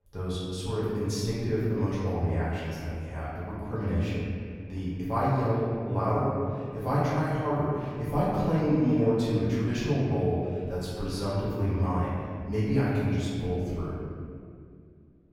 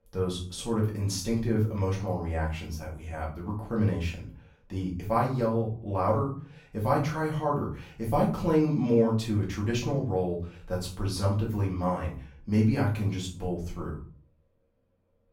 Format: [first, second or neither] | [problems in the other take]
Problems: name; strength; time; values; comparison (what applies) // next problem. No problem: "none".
second | room echo; strong; dies away in 2.3 s; slight in the second // off-mic speech; far; far in the second